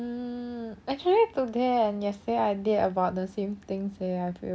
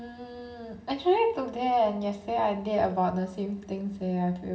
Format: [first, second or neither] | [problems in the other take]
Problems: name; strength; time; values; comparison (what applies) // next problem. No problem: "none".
first | room echo; dies away in 0.6 s